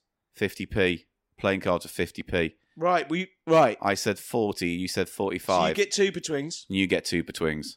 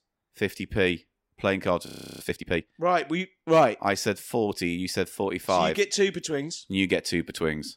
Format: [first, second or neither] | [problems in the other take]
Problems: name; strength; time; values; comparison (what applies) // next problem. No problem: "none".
first | audio freezing; at 2 s